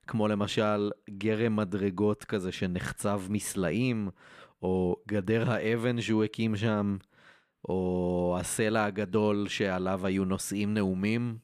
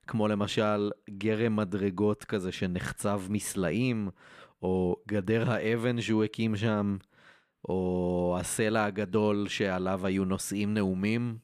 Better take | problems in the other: neither | none

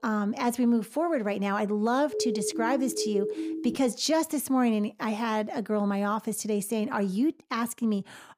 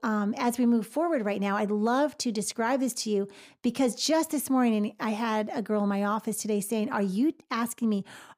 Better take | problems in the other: second | siren; noticeable; from 2 to 4 s; peak 3 dB below the speech

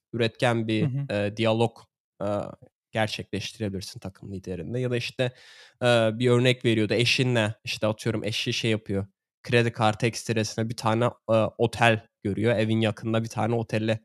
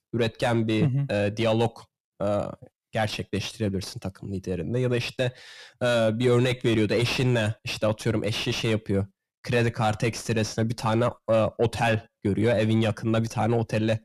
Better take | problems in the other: first | distortion; heavy; 7 dB below the speech

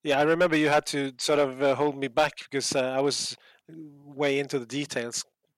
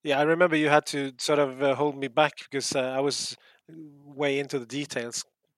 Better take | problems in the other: second | distortion; slight; 1.5% of the sound clipped

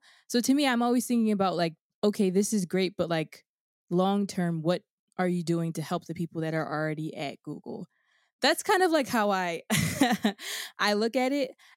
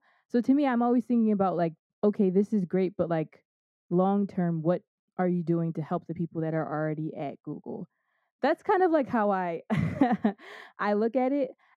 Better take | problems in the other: first | muffled; very; fading above 3 kHz

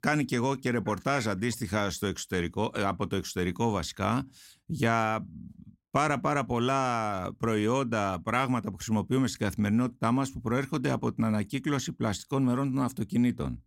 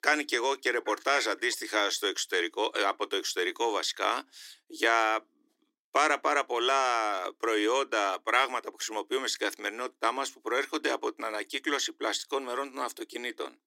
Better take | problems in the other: first | thin; very; fading below 300 Hz

